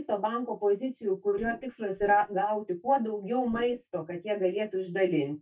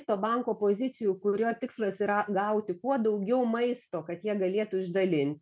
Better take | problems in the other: second | noise reduction (neural mask model DeepFilterNet 3)

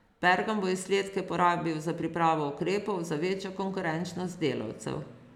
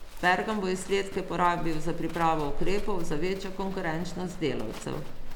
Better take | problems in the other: first | background sound (Livestock, farm animals, working animals); 2 dB below the speech

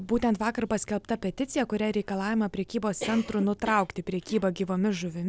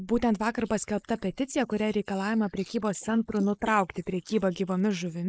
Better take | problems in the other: first | noise reduction (neural mask model Resemble Enhance denoiser)

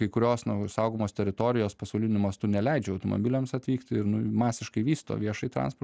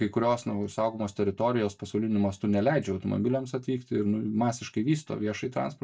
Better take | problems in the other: first | noise reduction (neural mask model DeepFilterNet 3)

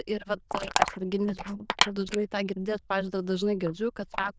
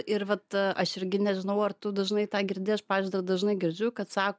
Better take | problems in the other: second | noise reduction (neural diffusion model UNIVERSE++)

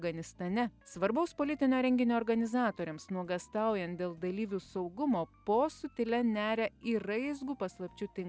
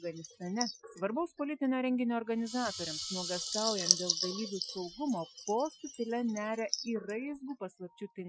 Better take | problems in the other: first | noise reduction (classical method Wiener filter)

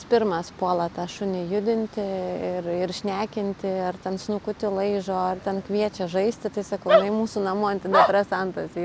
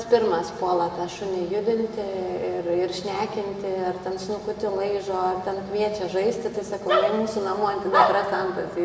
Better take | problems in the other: first | room echo; dies away in 1.5 s

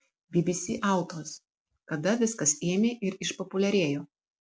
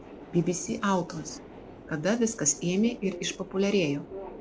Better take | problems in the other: first | background sound (Subway, metro, underground); 14 dB below the speech

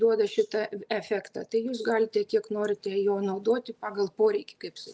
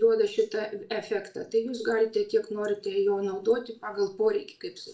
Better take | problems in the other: first | room echo; dies away in 0.3 s

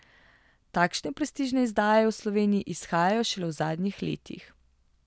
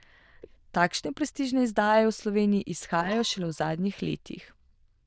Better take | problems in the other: first | noise reduction (neural diffusion model UNIVERSE++)

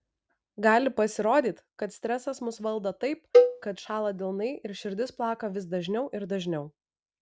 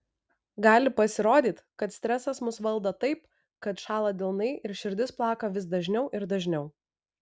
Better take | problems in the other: second | background sound (Cowbell); 4 dB above the speech

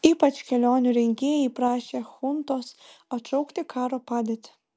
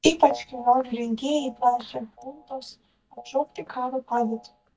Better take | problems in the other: first | noise reduction (neural mask model DeepFilterNet 3)

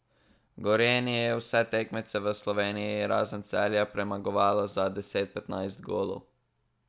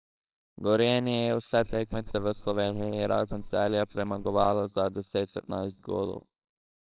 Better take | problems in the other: first | noise reduction (neural separator model SepFormer WHAMR!)

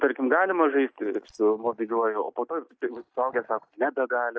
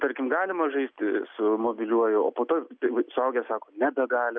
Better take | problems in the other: second | noise reduction (neural mask model DeepFilterNet 3)

